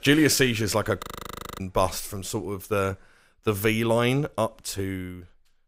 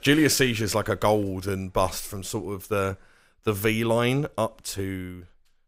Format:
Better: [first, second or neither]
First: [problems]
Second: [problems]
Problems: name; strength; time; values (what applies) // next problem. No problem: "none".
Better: second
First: audio freezing; at 1 s for 0.5 s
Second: none